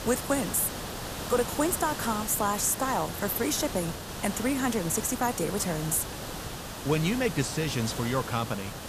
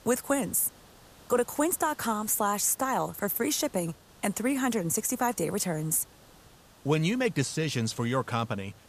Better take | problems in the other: second | hiss; loud; throughout; 7 dB below the speech; faint in the second

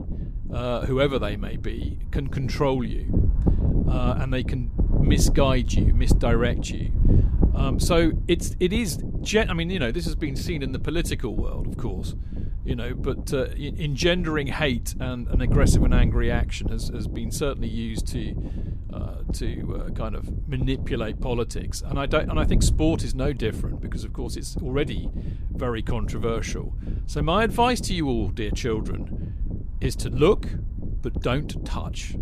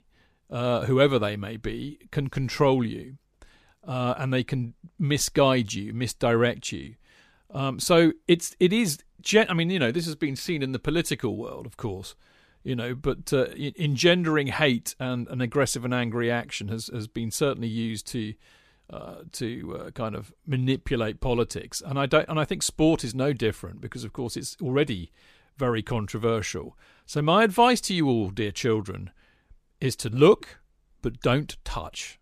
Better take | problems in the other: second | wind noise on the microphone; occasional gusts; 10 dB below the speech

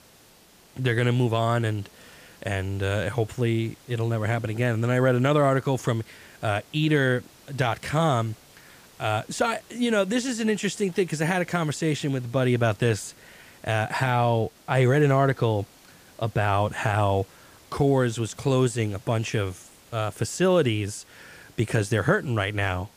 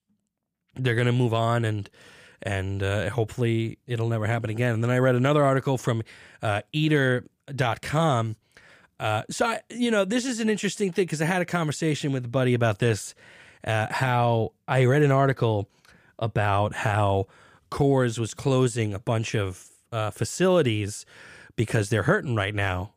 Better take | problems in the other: second | hiss; faint; throughout; 25 dB below the speech

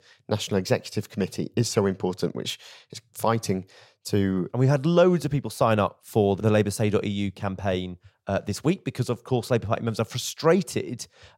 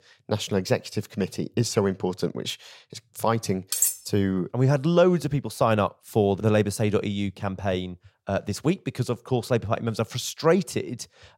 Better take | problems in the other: first | clattering dishes; loud; at 3.5 s; peak 3 dB above the speech

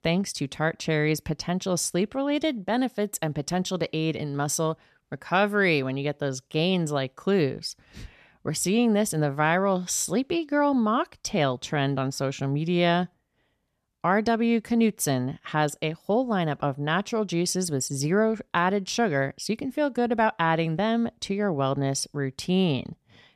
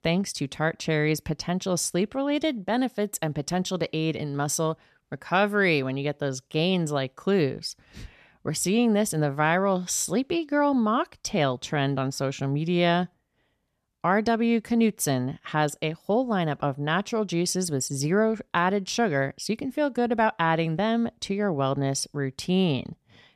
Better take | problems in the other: neither | none

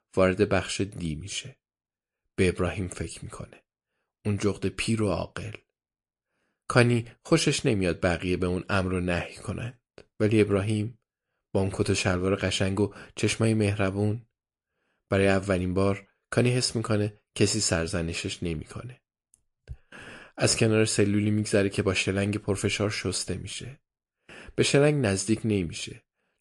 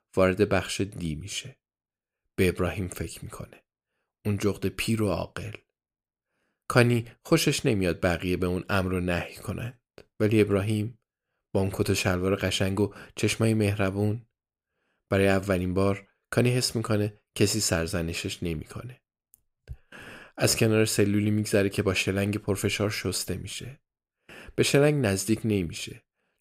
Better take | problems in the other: second | garbled, watery; slightly

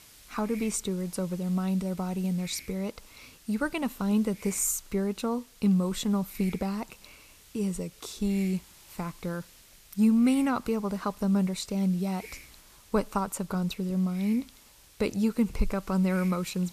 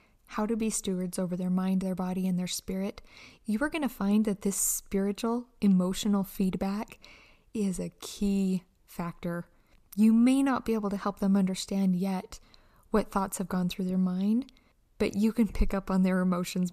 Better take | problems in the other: second | hiss; faint; throughout; 20 dB below the speech

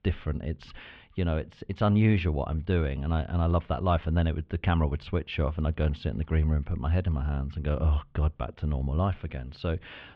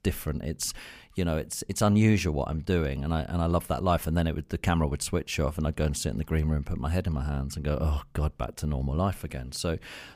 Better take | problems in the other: second | muffled; very; fading above 3.5 kHz

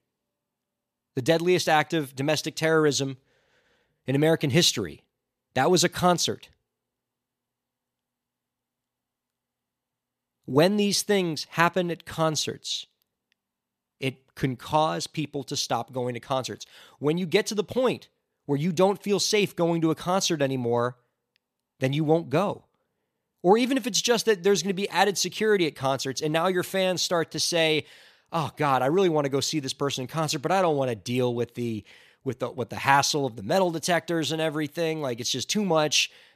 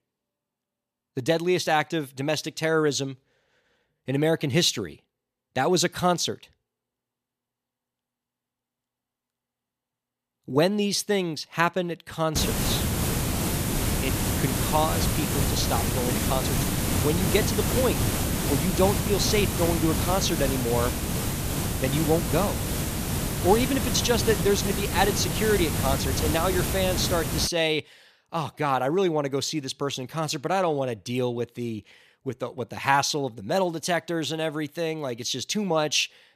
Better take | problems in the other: first | hiss; loud; from 12 to 27 s; 1 dB below the speech

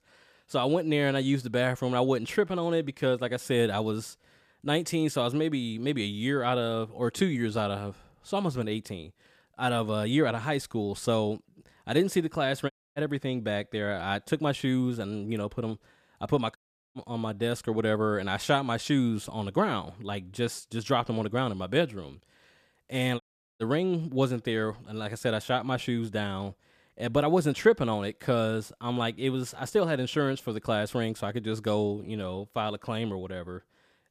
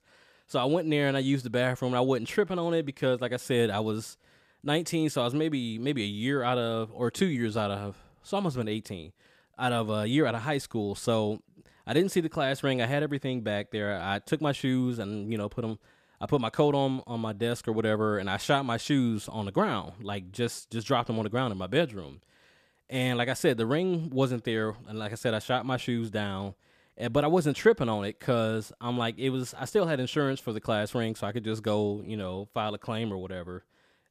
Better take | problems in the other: second | audio cutting out; at 13 s, at 17 s and at 23 s

